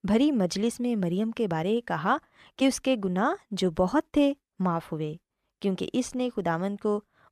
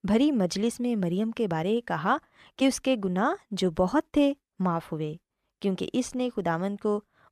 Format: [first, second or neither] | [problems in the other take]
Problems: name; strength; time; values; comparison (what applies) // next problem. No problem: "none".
neither | none